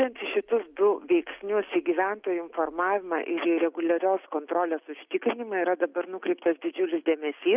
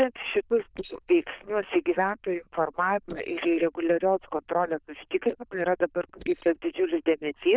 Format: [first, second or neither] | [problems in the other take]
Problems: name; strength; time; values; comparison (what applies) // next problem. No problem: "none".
first | noise reduction (neural diffusion model UNIVERSE++)